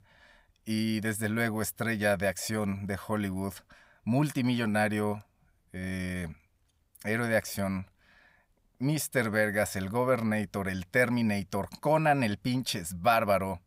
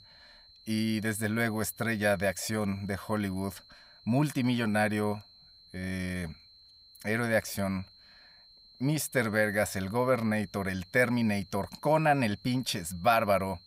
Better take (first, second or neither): first